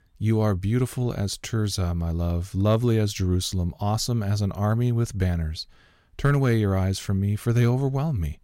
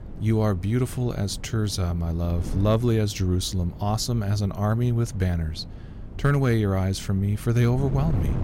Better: first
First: none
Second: wind noise on the microphone; occasional gusts; 15 dB below the speech

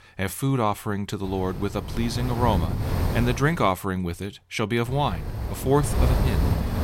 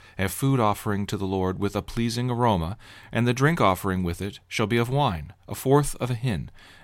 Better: second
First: wind noise on the microphone; heavy; from 1 to 3.5 s and from 5 s on; 8 dB below the speech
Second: none

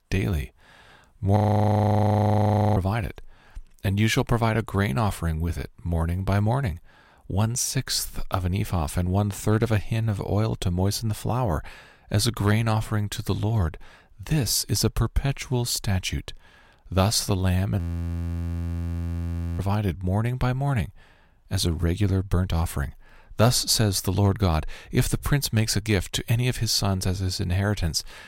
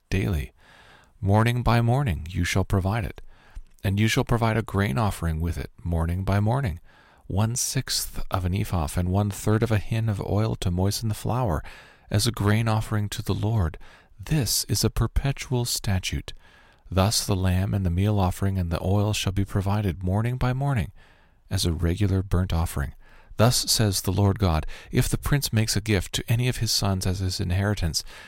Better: second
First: audio freezing; at 1.5 s for 1.5 s and at 18 s for 2 s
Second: none

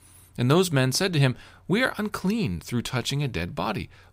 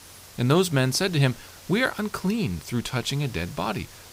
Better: first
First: none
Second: hiss; noticeable; throughout; 20 dB below the speech

